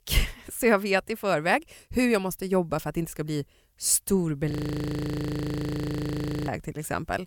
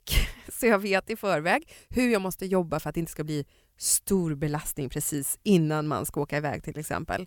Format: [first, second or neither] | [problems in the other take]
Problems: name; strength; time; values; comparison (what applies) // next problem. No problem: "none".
second | audio freezing; at 4.5 s for 2 s